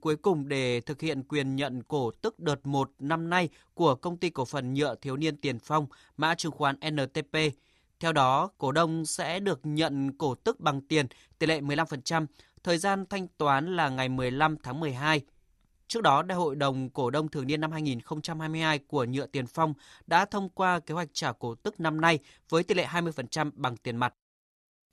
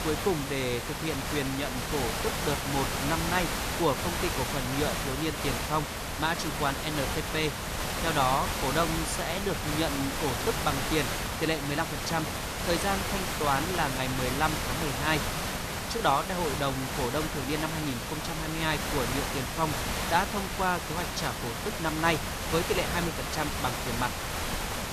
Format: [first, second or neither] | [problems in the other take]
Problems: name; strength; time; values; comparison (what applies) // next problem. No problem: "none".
first | hiss; loud; throughout; as loud as the speech